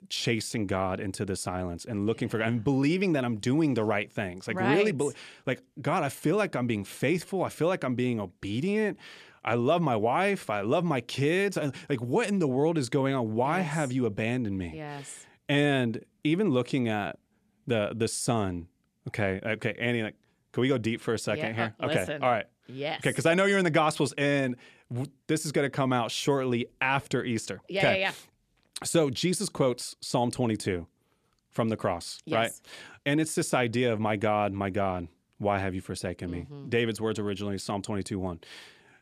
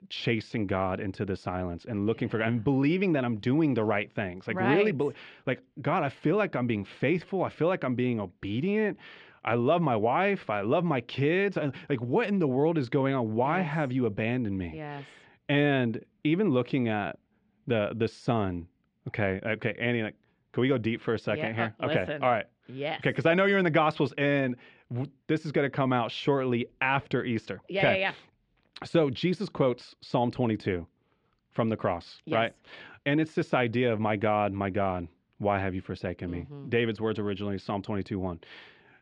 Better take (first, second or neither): first